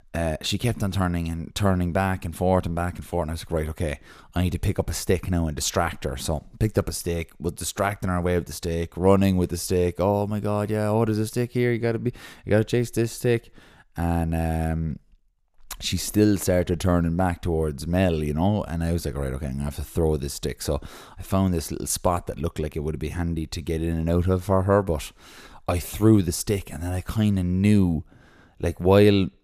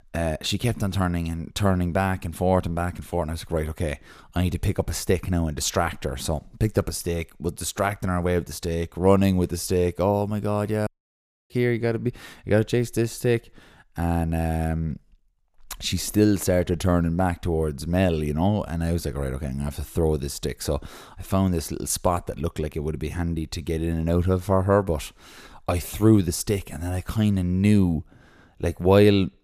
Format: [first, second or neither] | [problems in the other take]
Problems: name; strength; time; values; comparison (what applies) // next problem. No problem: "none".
first | audio cutting out; at 11 s for 0.5 s